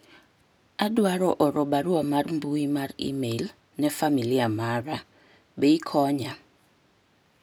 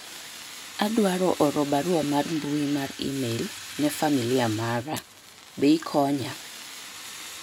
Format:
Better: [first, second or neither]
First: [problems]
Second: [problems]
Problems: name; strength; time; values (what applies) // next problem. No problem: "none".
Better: first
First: none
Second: background sound (Fire); 13 dB below the speech